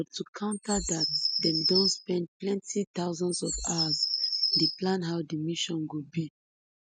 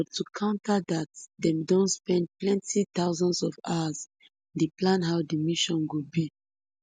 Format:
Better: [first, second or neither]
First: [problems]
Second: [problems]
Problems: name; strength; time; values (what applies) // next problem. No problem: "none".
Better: second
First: noise reduction (neural mask model RNNoise)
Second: none